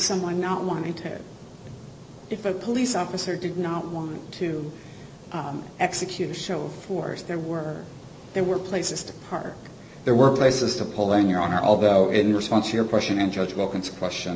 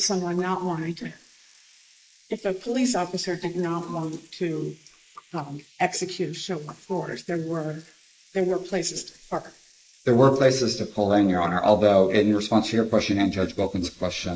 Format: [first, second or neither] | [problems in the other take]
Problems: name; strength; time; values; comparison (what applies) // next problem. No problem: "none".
first | noise reduction (neural mask model Resemble Enhance denoiser)